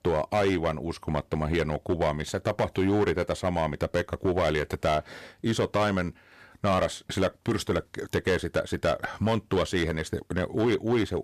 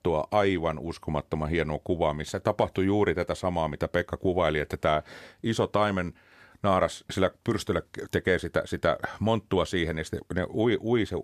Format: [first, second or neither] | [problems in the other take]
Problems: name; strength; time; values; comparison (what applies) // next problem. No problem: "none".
second | distortion; slight; 6% of the sound clipped